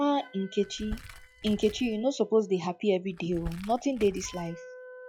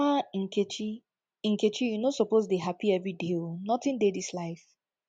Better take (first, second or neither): second